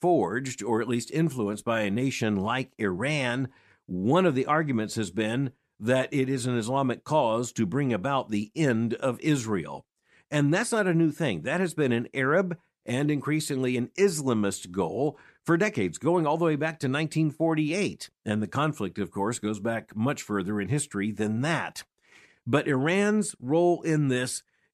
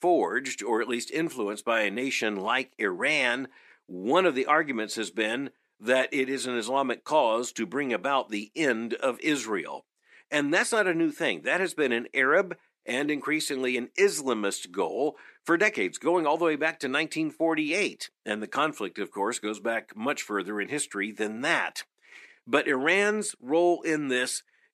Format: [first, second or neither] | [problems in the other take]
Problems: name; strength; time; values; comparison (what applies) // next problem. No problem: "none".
first | thin; somewhat; fading below 300 Hz